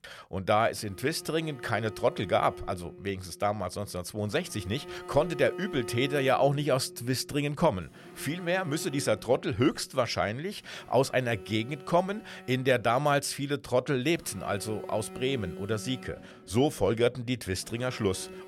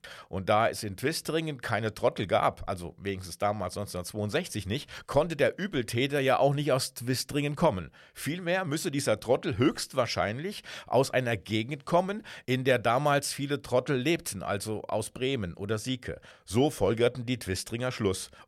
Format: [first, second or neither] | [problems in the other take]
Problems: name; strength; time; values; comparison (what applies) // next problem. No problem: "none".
second | alarms or sirens; noticeable; throughout; 15 dB below the speech